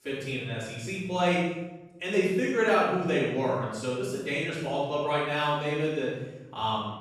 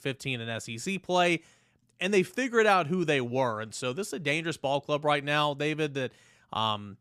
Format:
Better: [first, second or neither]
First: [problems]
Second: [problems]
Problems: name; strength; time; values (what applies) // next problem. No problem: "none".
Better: second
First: off-mic speech; far // room echo; strong; dies away in 1 s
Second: none